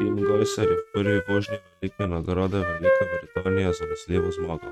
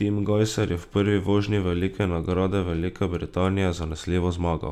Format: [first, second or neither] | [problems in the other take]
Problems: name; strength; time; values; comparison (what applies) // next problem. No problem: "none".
second | noise reduction (neural mask model RNNoise)